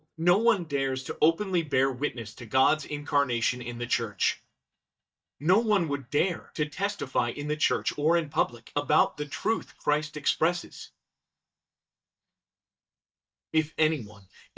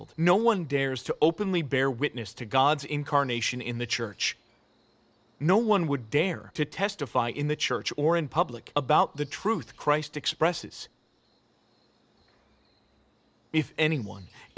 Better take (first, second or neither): second